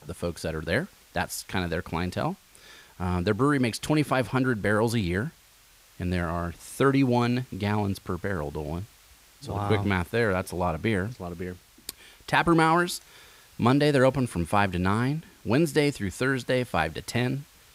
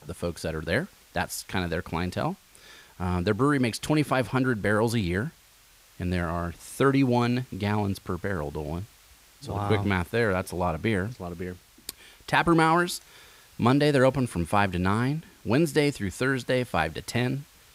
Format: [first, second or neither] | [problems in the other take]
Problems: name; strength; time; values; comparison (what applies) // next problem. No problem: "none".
neither | hiss; faint; throughout; 30 dB below the speech; the same in both